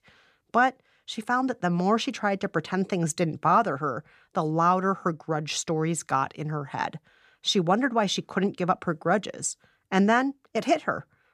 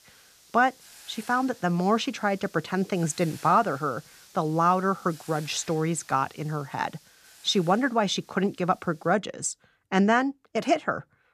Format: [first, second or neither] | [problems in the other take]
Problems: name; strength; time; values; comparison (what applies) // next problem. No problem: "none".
first | hiss; faint; until 9 s; 25 dB below the speech